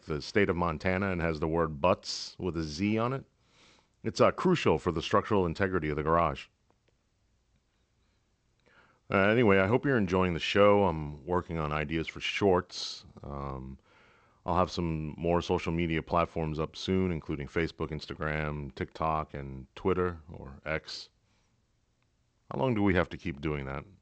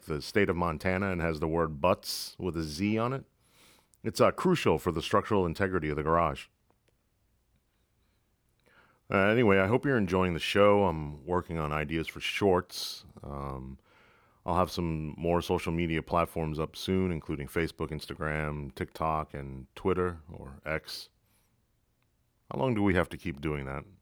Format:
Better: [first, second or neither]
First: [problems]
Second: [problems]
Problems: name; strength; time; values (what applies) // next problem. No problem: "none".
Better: second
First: garbled, watery; slightly; nothing above 7.5 kHz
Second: none